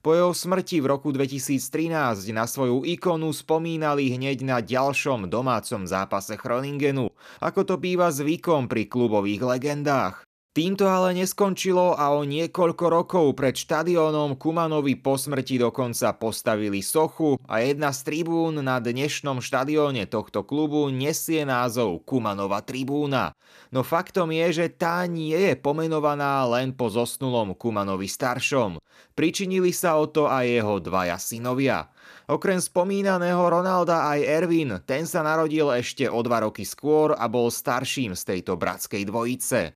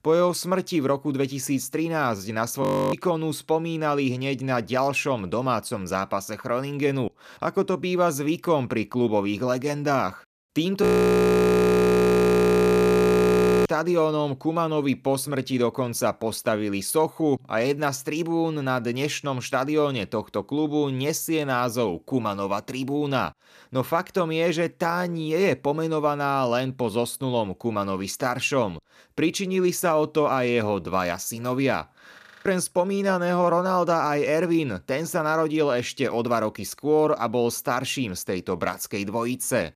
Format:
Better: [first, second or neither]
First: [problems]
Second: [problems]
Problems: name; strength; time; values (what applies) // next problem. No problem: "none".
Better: first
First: none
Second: audio freezing; at 2.5 s, at 11 s for 3 s and at 32 s